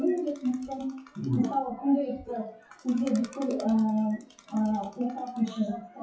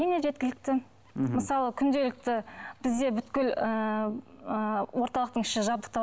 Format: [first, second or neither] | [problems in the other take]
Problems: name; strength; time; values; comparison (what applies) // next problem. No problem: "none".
second | noise reduction (classical method WPE with log-MMSE)